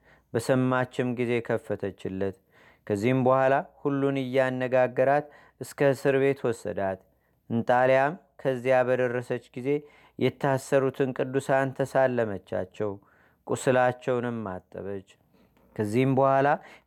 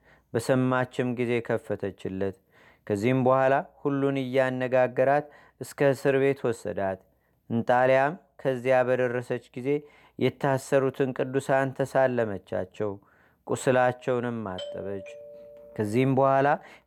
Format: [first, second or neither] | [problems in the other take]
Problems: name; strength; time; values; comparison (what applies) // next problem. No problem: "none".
first | doorbell; faint; from 15 to 16 s; peak 10 dB below the speech